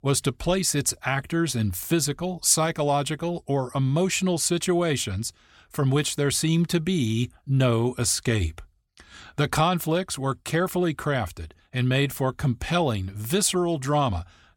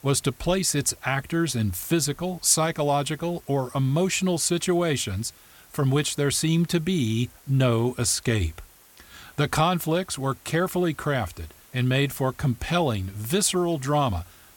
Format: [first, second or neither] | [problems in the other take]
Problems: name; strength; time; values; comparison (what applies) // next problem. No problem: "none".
first | hiss; faint; throughout; 25 dB below the speech